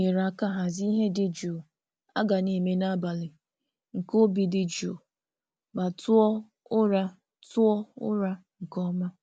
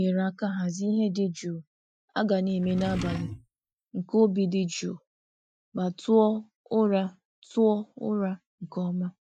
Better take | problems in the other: first | noise reduction (classical method Wiener filter)

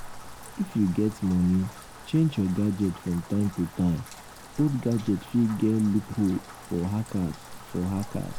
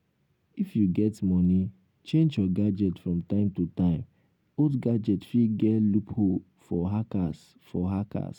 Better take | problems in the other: second | background sound (Rain); 16 dB below the speech

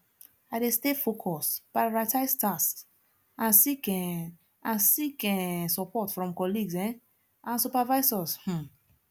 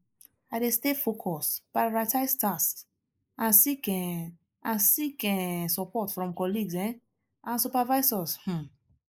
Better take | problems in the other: first | noise reduction (neural mask model Resemble Enhance denoiser)

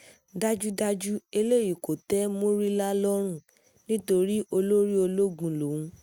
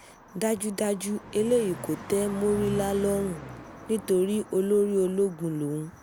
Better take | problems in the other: first | background sound (Car passing by); 15 dB below the speech

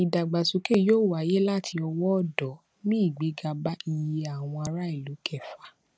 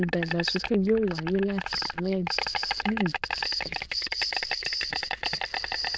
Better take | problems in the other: first | noise reduction (neural diffusion model UNIVERSE++)

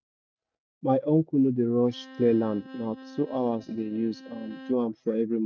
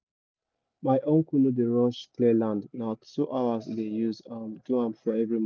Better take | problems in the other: second | noise reduction (neural mask model RNNoise)

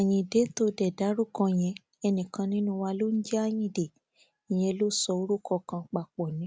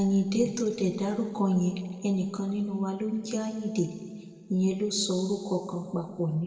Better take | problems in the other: first | room echo; dies away in 1.7 s

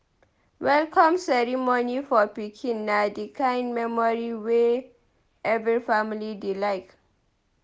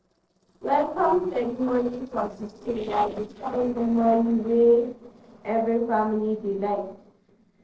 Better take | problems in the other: first | noise reduction (neural separator model SepFormer DNS4)

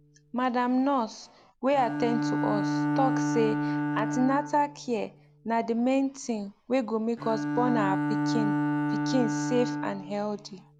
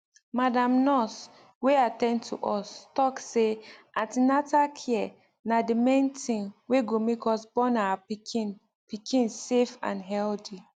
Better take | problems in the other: second | background sound (Bowed string instrument); 2 dB below the speech

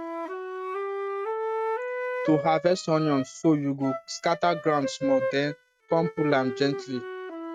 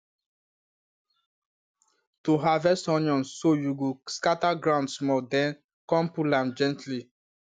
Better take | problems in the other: second | noise reduction (neural mask model RNNoise)

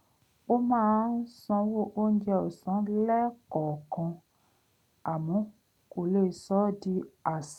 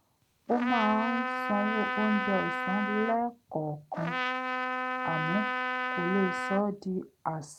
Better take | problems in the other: first | background sound (Trumpet); 1 dB below the speech

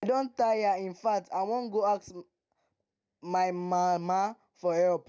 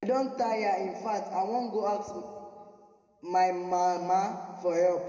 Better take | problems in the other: first | room echo; dies away in 2 s

